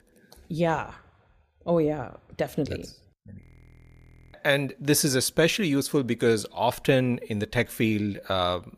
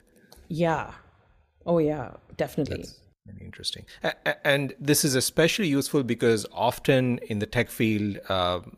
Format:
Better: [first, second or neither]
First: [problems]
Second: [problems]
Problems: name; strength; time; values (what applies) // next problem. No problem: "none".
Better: second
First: audio freezing; at 3.5 s for 1 s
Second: none